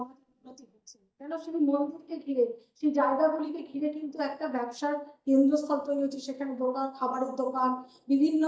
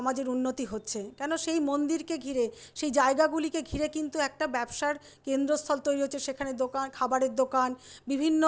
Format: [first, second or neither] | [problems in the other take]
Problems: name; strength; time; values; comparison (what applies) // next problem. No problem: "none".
second | noise reduction (neural mask model DeepFilterNet 3)